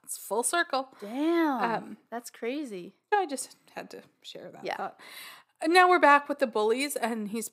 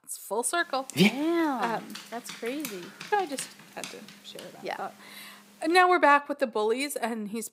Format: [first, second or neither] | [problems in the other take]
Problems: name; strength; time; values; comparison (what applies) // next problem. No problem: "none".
first | dog barking; loud; from 1 to 4 s; peak 3 dB above the speech